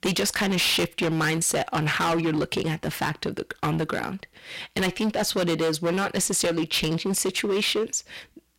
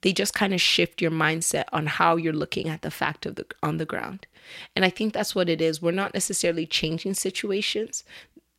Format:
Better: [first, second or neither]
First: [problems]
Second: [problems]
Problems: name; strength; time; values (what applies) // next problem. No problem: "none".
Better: second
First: distortion; heavy; 19% of the sound clipped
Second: none